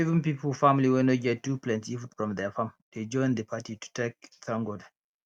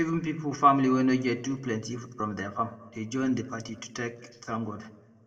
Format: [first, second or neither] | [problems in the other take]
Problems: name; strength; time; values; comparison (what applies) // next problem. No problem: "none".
first | room echo; dies away in 1.1 s